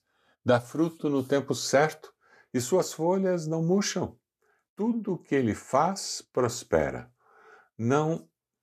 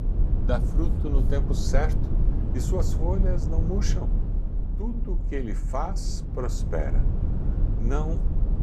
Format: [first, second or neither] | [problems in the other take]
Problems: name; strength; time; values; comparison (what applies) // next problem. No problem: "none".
first | low rumble; loud; throughout; 6 dB below the speech